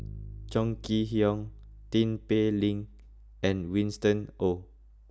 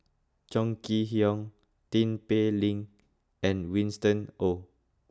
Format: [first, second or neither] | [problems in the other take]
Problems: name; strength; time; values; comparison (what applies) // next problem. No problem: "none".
second | background sound (Bass guitar); 17 dB below the speech